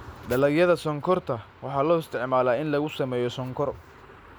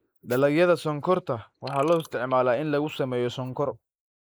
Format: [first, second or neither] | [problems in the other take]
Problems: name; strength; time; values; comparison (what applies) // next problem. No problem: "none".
first | noise reduction (neural mask model Resemble Enhance denoiser)